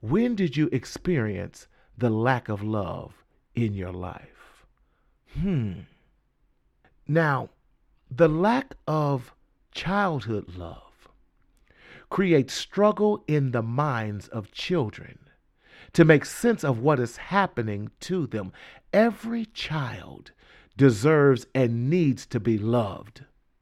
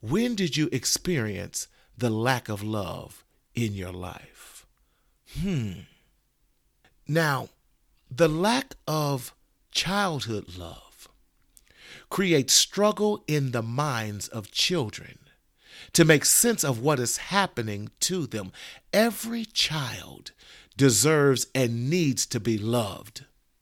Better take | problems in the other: second | muffled; very; fading above 3.5 kHz

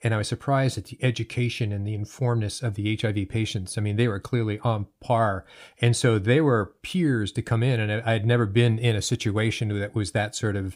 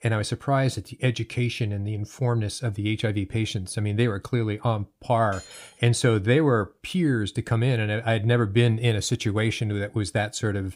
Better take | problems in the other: first | clattering dishes; faint; at 5.5 s; peak 20 dB below the speech

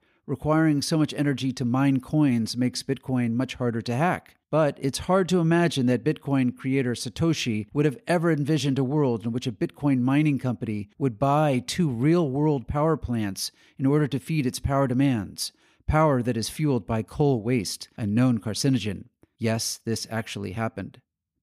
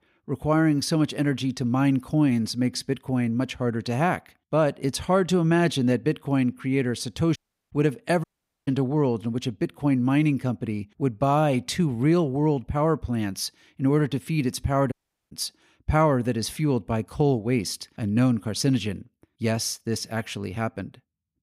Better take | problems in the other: first | audio cutting out; at 7.5 s, at 8 s and at 15 s

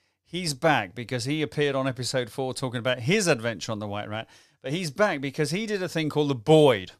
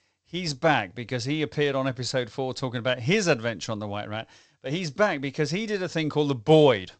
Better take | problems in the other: first | garbled, watery; slightly; nothing above 8 kHz

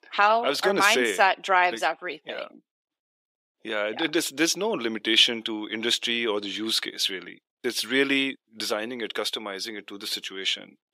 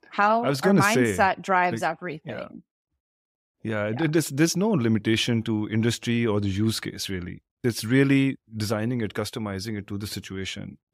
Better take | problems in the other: second | thin; somewhat; fading below 350 Hz

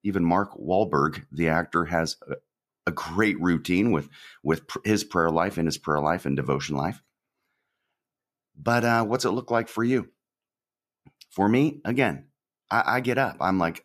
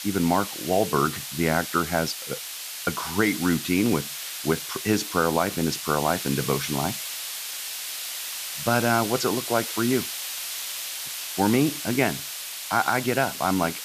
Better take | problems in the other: first | hiss; loud; throughout; 6 dB below the speech

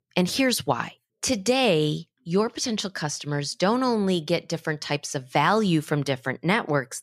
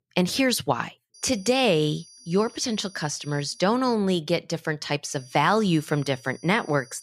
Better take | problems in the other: first | high-pitched whine; faint; from 1 to 3.5 s and from 5 s on; 4.5 kHz, 25 dB below the speech

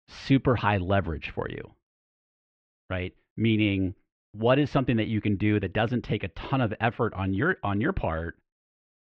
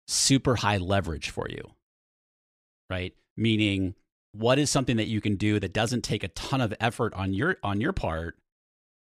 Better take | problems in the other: second | muffled; very; fading above 3 kHz

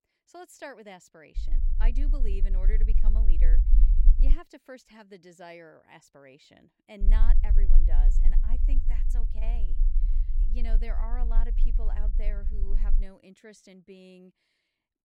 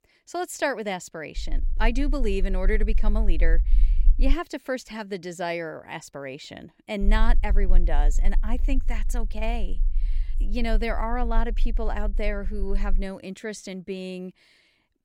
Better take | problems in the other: second | low rumble; loud; from 1.5 to 4.5 s and from 7 to 13 s; 7 dB below the speech; faint in the second

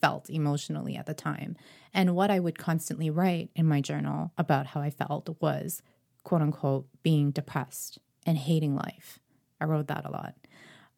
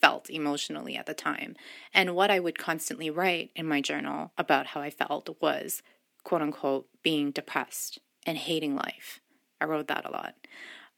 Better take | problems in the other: first | thin; somewhat; fading below 300 Hz

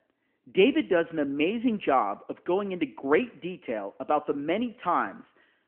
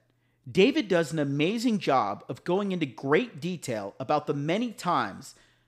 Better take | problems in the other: second | phone-call audio; nothing above 3 kHz

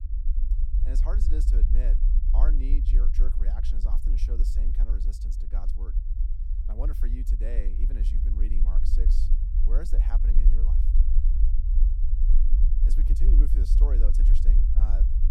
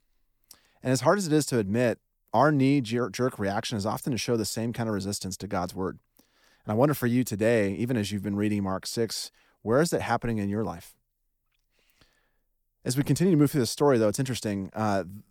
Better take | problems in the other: second | low rumble; loud; throughout; 3 dB below the speech

